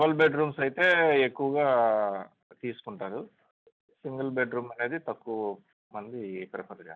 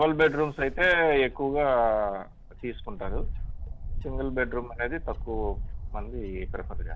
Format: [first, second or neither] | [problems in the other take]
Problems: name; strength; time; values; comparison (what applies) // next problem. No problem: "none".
first | background sound (Wind / Bird); 6 dB below the speech